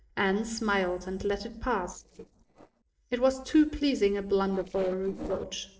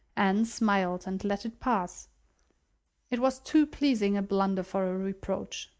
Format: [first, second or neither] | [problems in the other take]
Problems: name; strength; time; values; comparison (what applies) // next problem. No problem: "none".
second | noise reduction (neural separator model SepFormer DNS4)